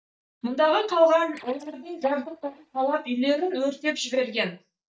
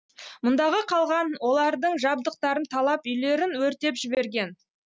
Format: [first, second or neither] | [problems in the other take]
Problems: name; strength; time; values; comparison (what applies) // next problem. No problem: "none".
second | noise reduction (neural mask model DeepFilterNet 3)